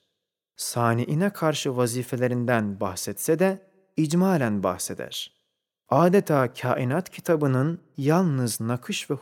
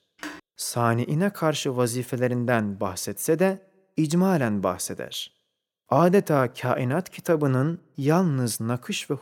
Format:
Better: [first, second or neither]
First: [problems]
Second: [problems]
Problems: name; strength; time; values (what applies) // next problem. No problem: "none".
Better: first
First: none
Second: phone ringing; faint; at the start; peak 15 dB below the speech